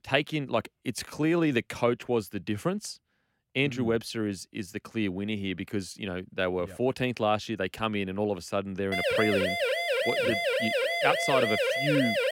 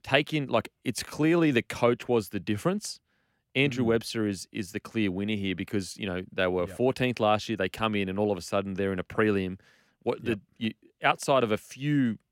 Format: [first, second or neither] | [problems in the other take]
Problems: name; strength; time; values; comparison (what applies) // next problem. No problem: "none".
second | siren; loud; from 9 s on; peak 4 dB above the speech